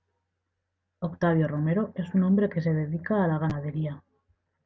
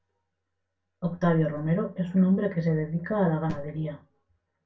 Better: first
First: none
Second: room echo; dies away in 0.2 s

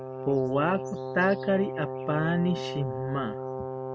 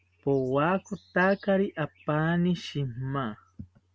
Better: second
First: background sound (Brass instrument); 6 dB below the speech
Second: none

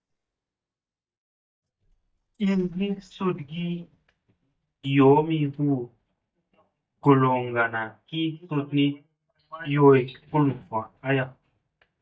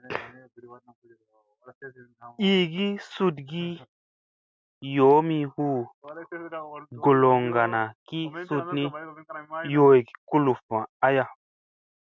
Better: second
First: noise reduction (neural mask model DeepFilterNet 3)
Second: none

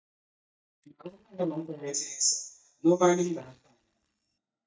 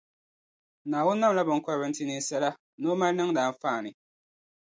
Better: second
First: noise reduction (neural mask model DeepFilterNet 3)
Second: none

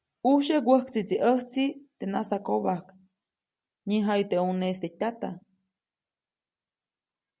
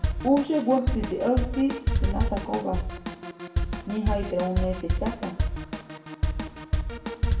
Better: first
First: none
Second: background sound (Drum kit); 1 dB above the speech // room echo; dies away in 0.7 s

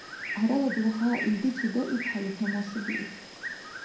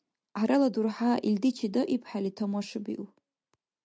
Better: second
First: background sound (Bird); 8 dB below the speech // room echo; dies away in 0.6 s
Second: none

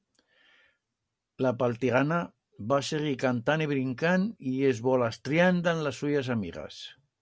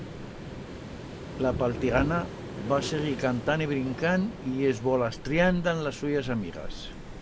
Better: first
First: none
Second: background sound (Waves, surf); 9 dB below the speech

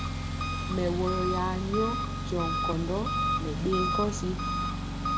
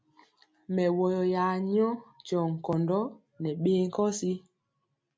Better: second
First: background sound (Engine); 2 dB above the speech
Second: none

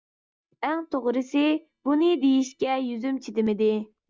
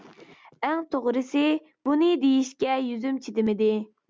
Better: second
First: noise reduction (neural mask model DeepFilterNet 3)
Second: none

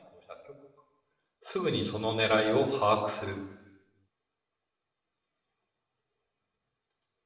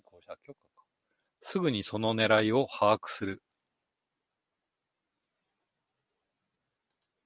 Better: second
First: room echo; dies away in 1 s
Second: none

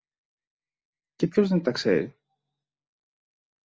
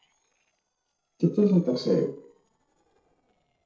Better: first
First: none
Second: noise reduction (neural separator model SepFormer DNS4)

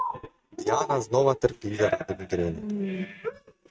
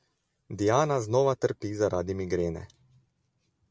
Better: second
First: noise reduction (neural mask model RNNoise)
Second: none

